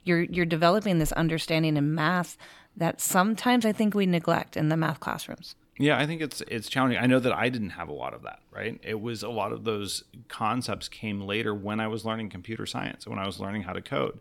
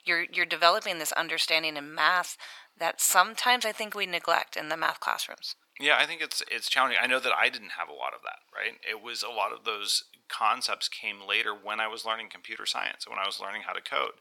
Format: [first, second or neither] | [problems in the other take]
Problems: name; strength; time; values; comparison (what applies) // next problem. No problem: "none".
first | thin; very; fading below 950 Hz